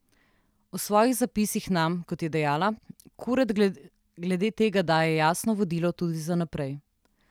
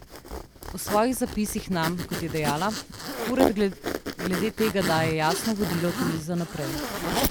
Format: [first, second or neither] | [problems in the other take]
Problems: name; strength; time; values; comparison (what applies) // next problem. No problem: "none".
first | background sound (Zipper (clothing)); 3 dB below the speech